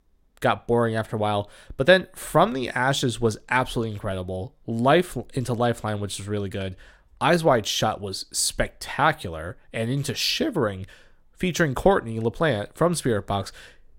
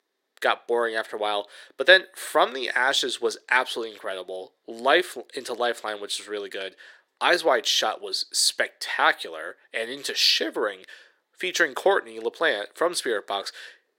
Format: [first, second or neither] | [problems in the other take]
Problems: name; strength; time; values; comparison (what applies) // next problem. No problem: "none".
first | thin; very; fading below 350 Hz